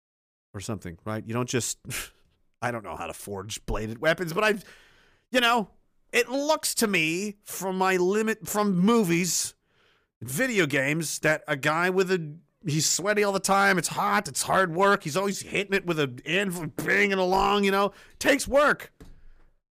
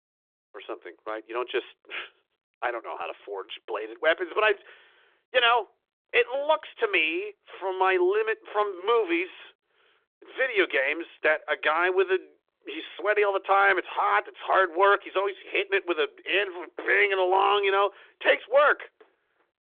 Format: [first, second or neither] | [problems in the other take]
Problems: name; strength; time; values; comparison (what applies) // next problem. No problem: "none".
first | phone-call audio; nothing above 3.5 kHz